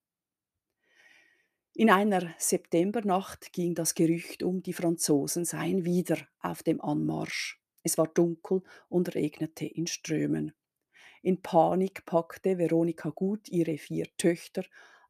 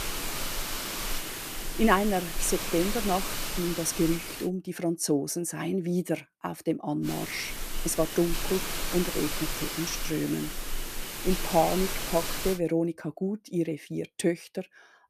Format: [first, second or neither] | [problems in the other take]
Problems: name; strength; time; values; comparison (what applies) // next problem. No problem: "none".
first | hiss; loud; until 4.5 s and from 7 to 13 s; 4 dB below the speech